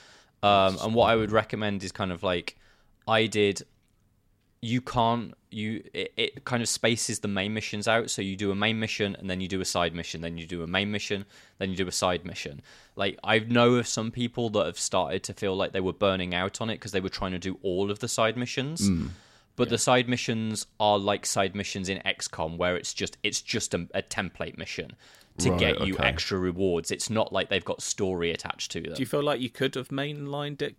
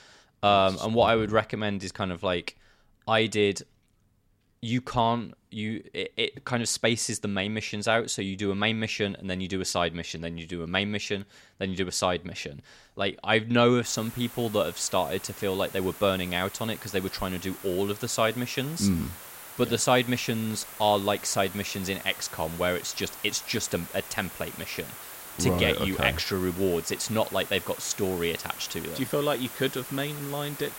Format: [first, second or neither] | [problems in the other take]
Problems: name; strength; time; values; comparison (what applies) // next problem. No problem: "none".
first | hiss; noticeable; from 14 s on; 15 dB below the speech